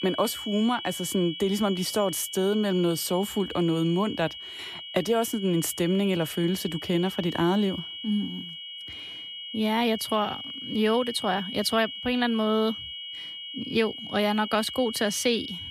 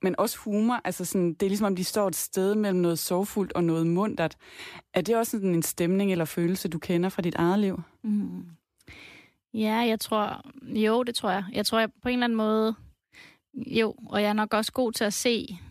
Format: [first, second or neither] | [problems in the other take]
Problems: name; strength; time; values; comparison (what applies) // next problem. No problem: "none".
second | high-pitched whine; loud; throughout; 3 kHz, 9 dB below the speech